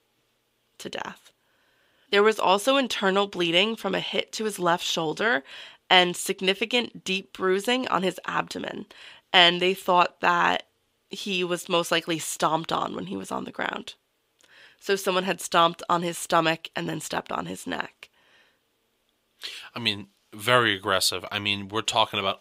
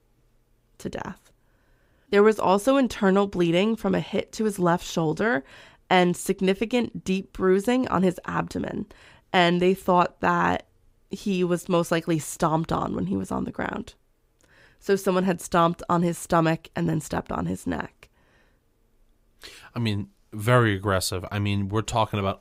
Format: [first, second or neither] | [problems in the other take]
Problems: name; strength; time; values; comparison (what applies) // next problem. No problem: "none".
second | thin; somewhat; fading below 1 kHz